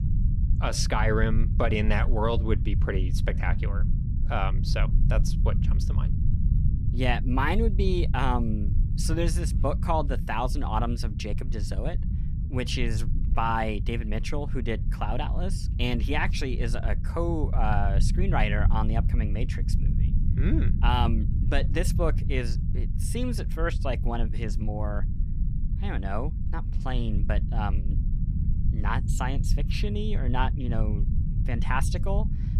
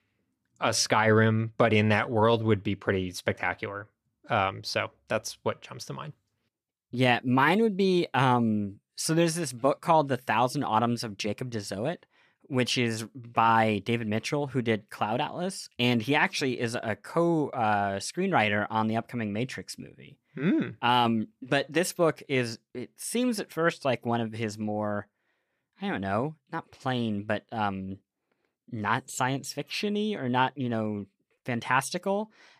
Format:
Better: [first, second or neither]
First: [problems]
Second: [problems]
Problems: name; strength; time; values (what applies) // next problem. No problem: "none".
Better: second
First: low rumble; noticeable; throughout; 10 dB below the speech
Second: none